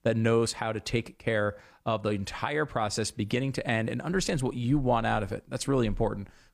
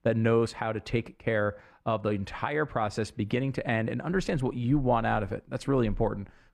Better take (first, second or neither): first